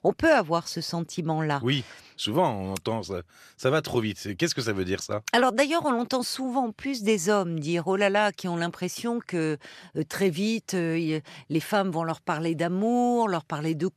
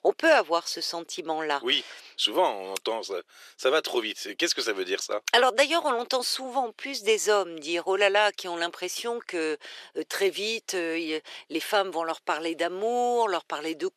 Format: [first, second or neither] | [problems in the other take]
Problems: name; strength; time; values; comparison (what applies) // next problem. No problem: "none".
first | thin; very; fading below 400 Hz